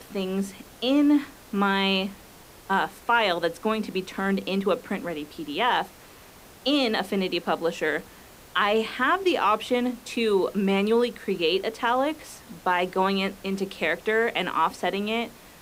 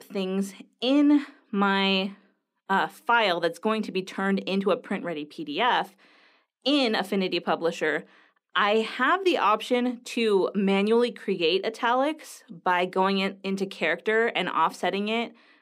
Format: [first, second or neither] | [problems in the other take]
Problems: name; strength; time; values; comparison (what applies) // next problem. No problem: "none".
second | hiss; faint; throughout; 25 dB below the speech